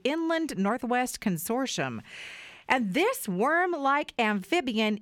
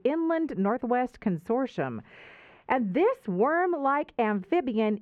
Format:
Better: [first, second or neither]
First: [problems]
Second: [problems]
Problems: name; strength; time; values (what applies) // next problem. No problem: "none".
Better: first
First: none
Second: muffled; very; fading above 3.5 kHz